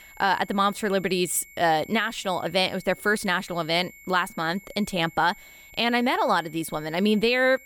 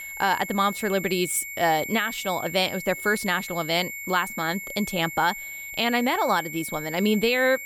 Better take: first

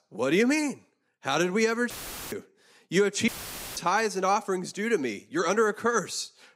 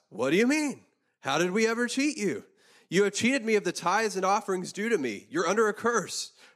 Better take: second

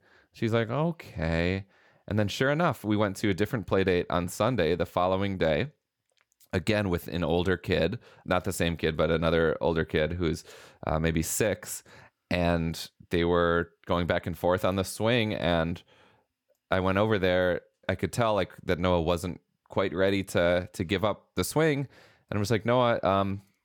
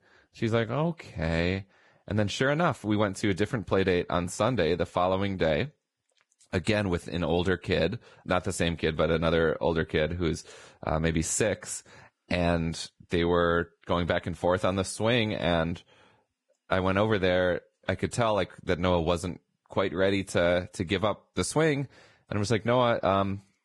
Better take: first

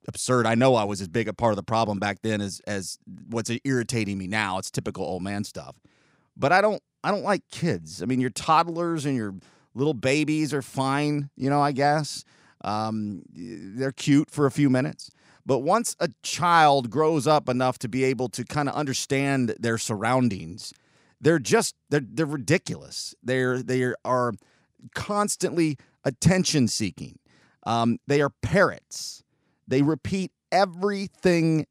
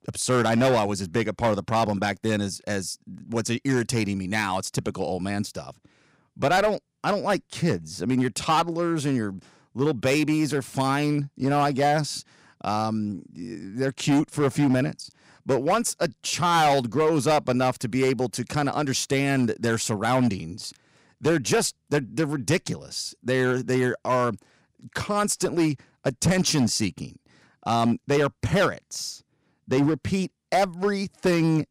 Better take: first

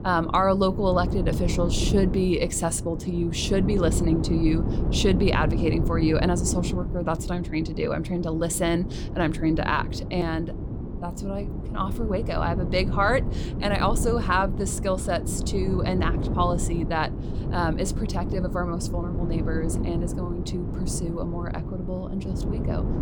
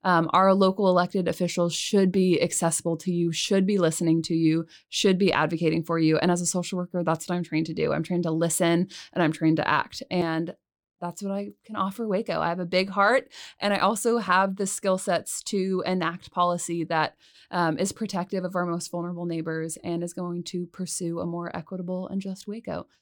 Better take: second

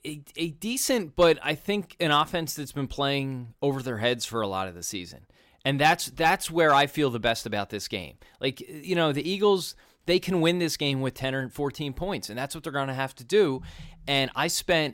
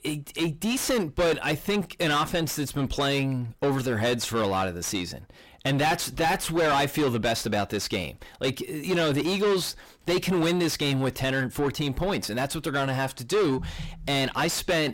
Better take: first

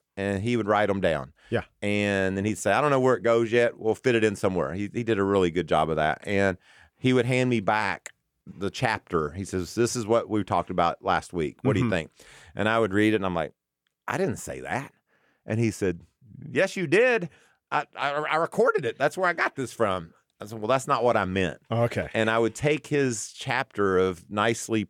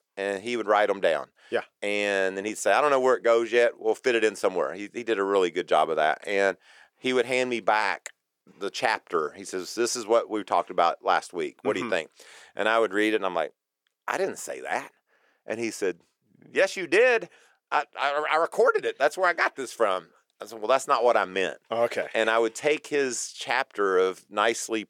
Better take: first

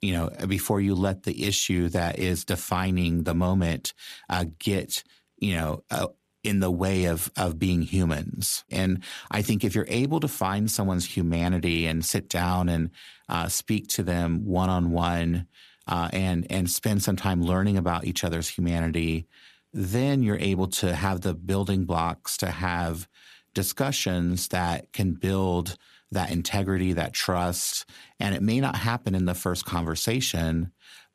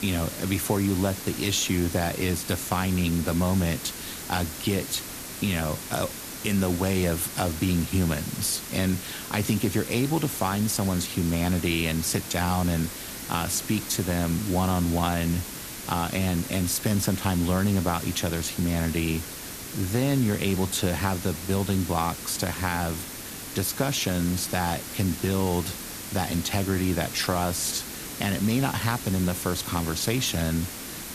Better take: first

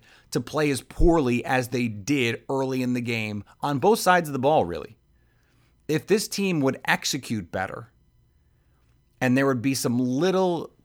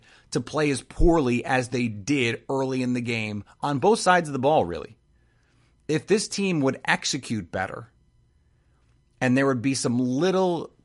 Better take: first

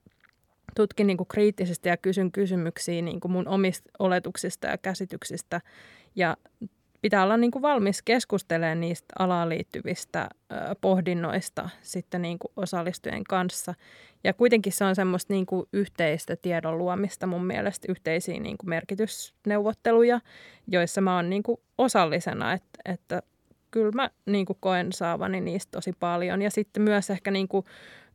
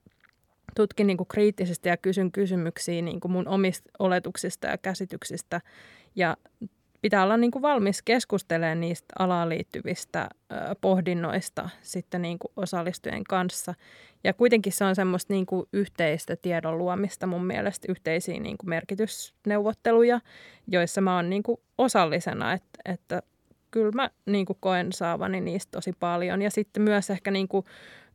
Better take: neither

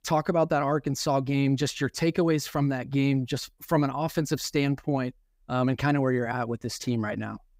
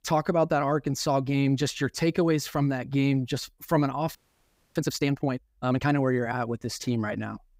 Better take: first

